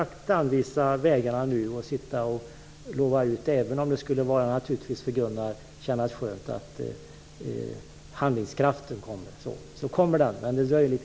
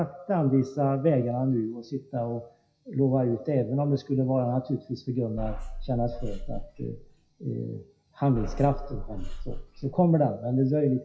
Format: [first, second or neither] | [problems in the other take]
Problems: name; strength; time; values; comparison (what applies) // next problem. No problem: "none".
first | noise reduction (classical method WPE with log-MMSE)